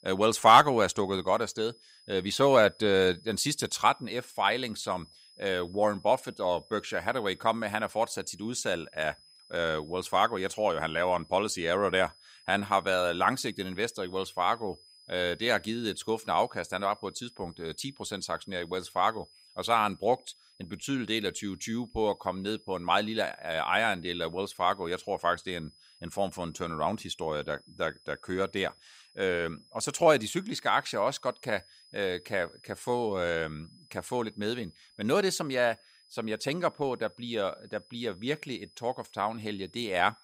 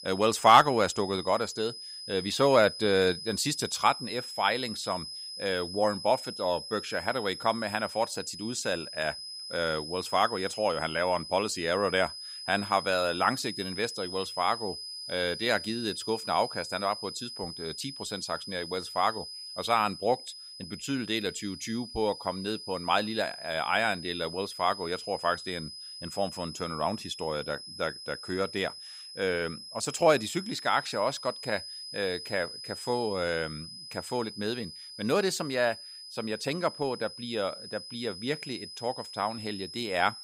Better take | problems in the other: first | high-pitched whine; loud; throughout; 5 kHz, 10 dB below the speech; faint in the first

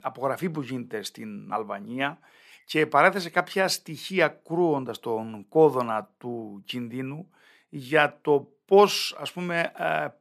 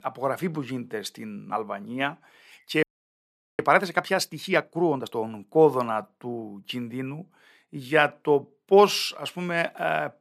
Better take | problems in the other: first | audio freezing; at 3 s for 1 s

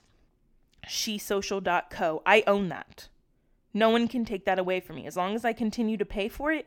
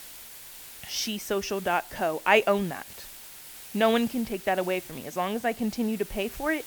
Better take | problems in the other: first | hiss; noticeable; throughout; 15 dB below the speech

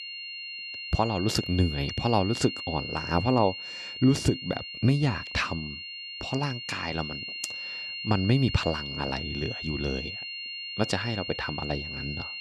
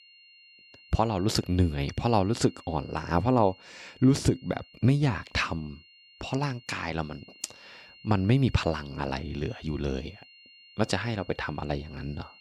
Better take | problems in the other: second | high-pitched whine; loud; throughout; 3 kHz, 6 dB below the speech; faint in the second

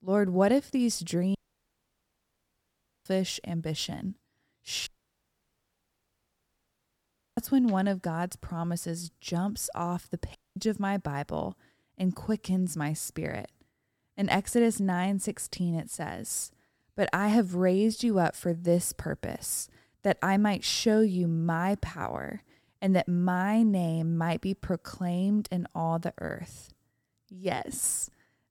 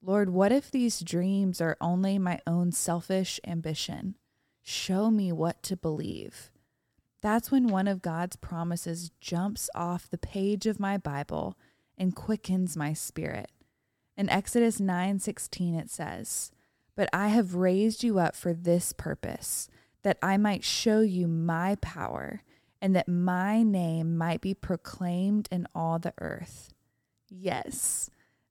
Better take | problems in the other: second | audio cutting out; at 1.5 s for 1.5 s, at 5 s for 2.5 s and at 10 s

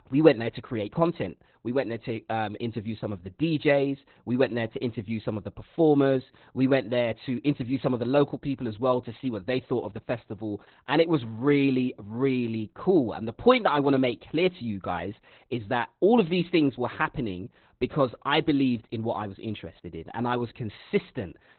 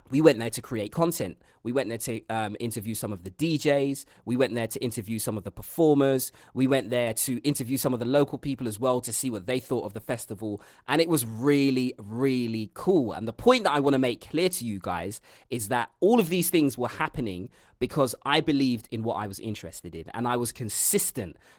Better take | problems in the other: second | garbled, watery; badly; nothing above 4 kHz; slightly in the second

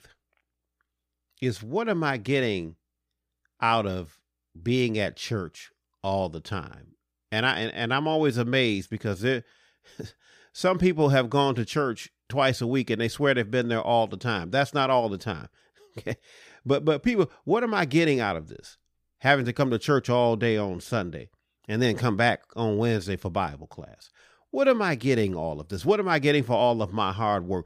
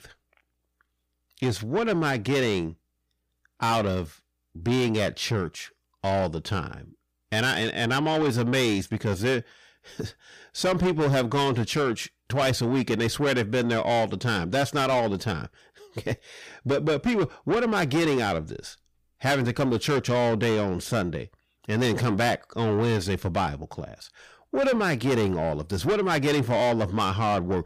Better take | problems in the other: first | distortion; heavy; 7 dB below the speech

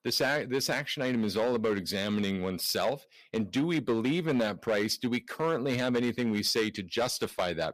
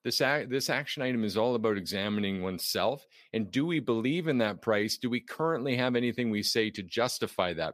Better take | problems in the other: second | distortion; slight; 6% of the sound clipped

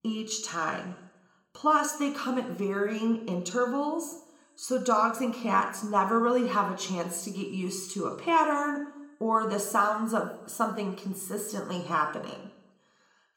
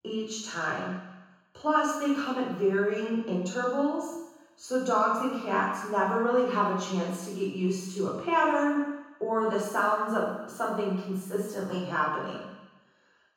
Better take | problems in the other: first | room echo; strong; dies away in 1.1 s; slight in the first // off-mic speech; far

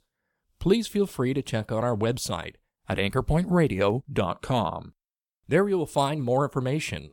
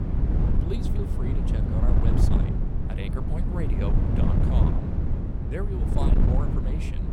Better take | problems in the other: first | wind noise on the microphone; heavy; 3 dB above the speech

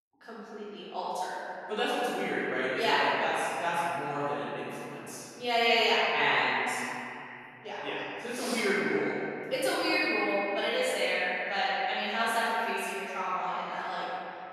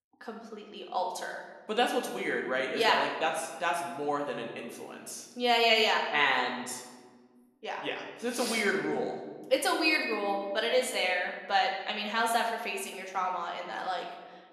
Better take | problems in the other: second | room echo; strong; dies away in 3 s; slight in the second // off-mic speech; far; somewhat distant in the second

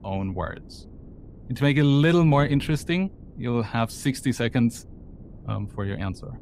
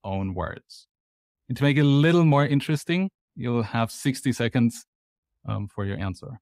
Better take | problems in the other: second | wind noise on the microphone; occasional gusts; 25 dB below the speech

